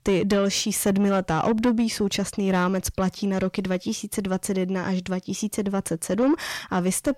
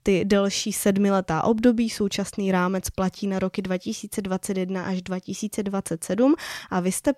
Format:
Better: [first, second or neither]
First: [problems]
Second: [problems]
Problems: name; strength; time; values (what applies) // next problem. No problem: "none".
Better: second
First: distortion; slight; 10 dB below the speech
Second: none